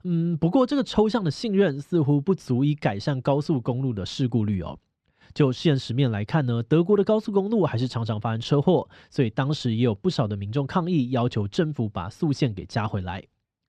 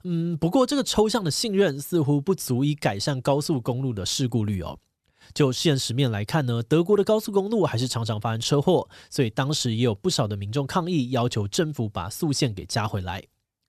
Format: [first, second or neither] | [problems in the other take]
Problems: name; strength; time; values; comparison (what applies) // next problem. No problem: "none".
second | muffled; slightly; fading above 3 kHz